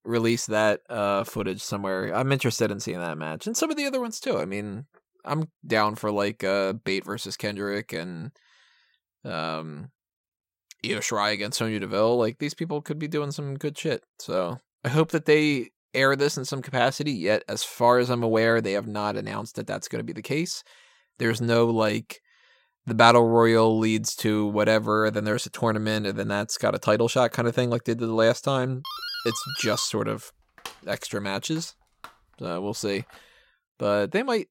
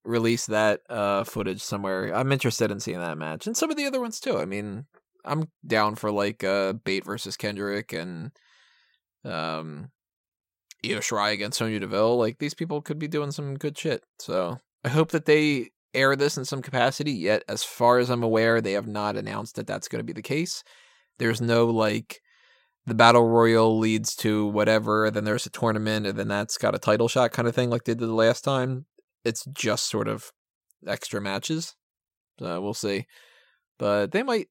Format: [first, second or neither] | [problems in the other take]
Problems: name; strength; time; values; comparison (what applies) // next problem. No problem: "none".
second | doorbell; noticeable; from 29 to 33 s; peak 7 dB below the speech